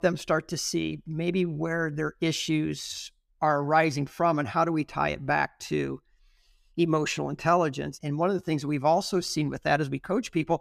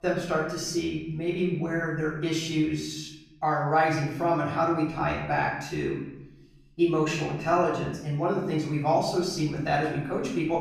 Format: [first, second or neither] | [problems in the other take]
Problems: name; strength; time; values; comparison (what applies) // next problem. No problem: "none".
first | off-mic speech; far // room echo; noticeable; dies away in 0.8 s